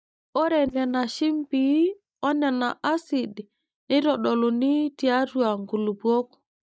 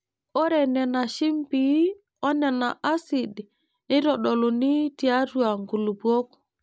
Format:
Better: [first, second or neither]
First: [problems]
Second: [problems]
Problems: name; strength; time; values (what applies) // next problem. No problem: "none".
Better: second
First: noise reduction (neural mask model DeepFilterNet 3)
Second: none